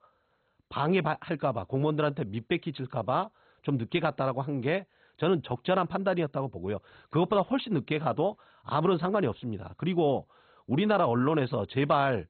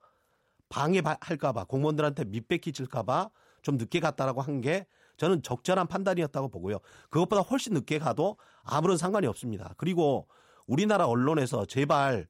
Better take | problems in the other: second | garbled, watery; badly; nothing above 4 kHz

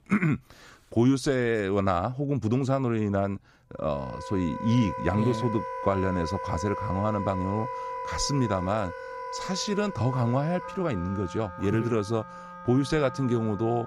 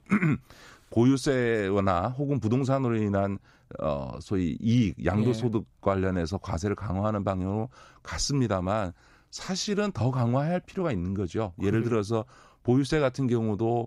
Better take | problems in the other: second | background music; loud; from 4 s on; 9 dB below the speech

